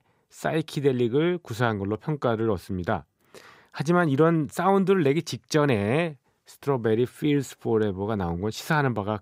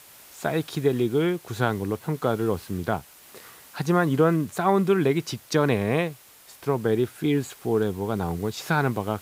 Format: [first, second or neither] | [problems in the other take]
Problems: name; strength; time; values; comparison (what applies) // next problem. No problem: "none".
first | hiss; faint; throughout; 20 dB below the speech